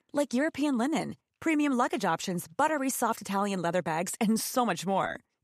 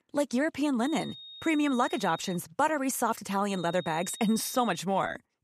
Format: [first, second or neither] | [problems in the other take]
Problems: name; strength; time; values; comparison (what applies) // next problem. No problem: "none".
first | high-pitched whine; noticeable; from 1 to 2.5 s and from 3.5 to 5 s; 3.5 kHz, 15 dB below the speech